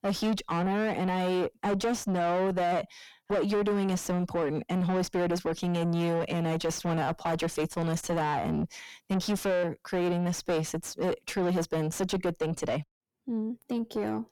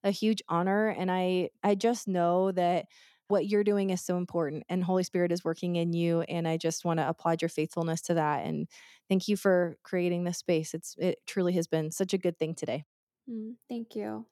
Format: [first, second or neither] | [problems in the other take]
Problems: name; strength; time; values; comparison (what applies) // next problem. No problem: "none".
second | distortion; heavy; 5 dB below the speech